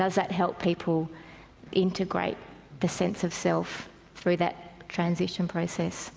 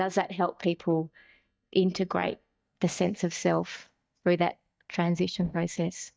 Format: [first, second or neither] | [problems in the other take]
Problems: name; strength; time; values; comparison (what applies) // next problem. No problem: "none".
first | noise reduction (neural mask model DeepFilterNet 3)